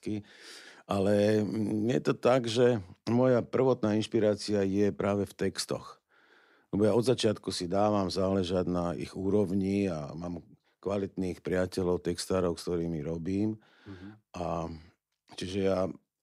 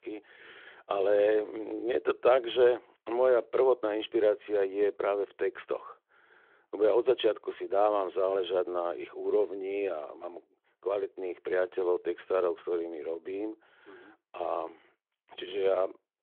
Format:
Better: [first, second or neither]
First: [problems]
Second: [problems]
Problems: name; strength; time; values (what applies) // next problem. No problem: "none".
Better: first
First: none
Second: phone-call audio